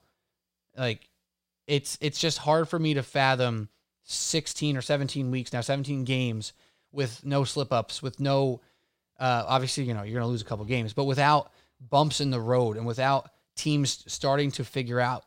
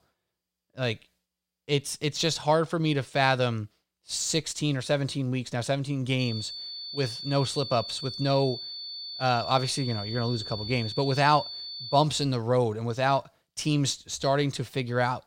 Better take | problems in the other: first | high-pitched whine; loud; from 6 to 12 s; 4.5 kHz, 8 dB below the speech

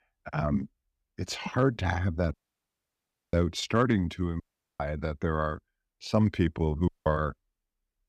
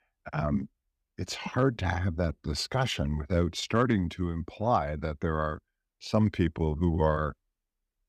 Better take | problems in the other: second | audio cutting out; at 2.5 s for 1 s, at 4.5 s and at 7 s

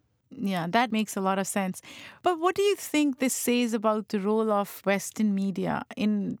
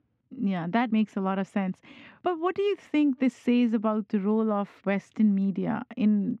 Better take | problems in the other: first | muffled; very; fading above 2.5 kHz

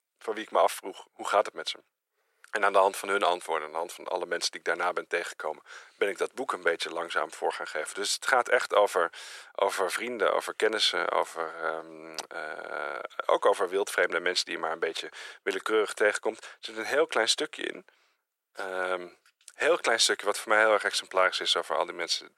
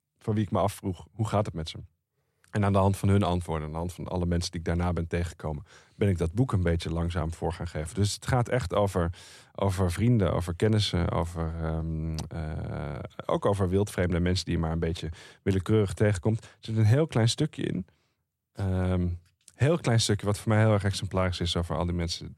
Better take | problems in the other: second | thin; very; fading below 450 Hz

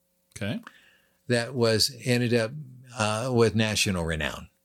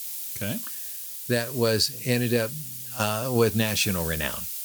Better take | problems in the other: first | hiss; loud; throughout; 6 dB below the speech

